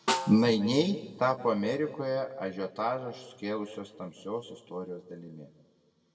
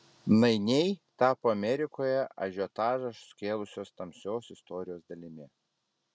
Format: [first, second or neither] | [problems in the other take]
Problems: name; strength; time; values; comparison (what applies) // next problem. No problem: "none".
second | background sound (Snare drum); 7 dB below the speech // room echo; dies away in 1.5 s